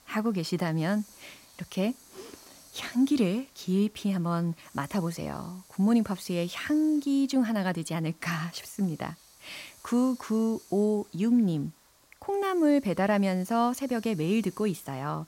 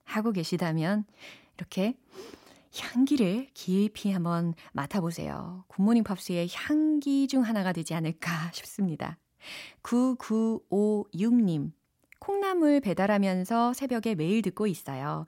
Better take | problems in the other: second | hiss; faint; throughout; 25 dB below the speech

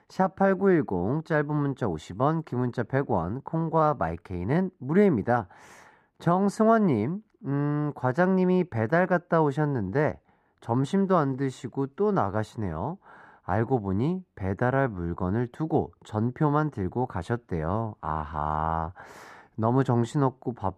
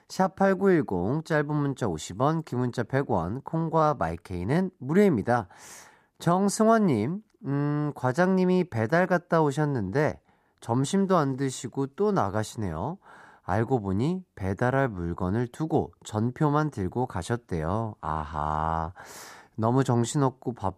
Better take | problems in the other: second | muffled; slightly; fading above 4 kHz

